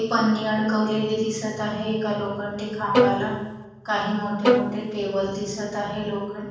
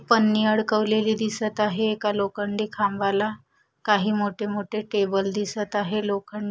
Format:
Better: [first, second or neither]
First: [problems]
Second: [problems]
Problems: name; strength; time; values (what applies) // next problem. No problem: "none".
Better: second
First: background sound (Bowed string instrument); 3 dB above the speech // room echo; dies away in 1.2 s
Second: none